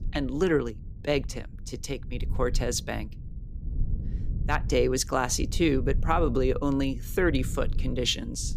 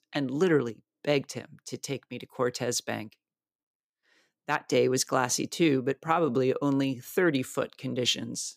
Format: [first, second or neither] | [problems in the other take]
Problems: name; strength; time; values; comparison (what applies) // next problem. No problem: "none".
second | low rumble; faint; throughout; 20 dB below the speech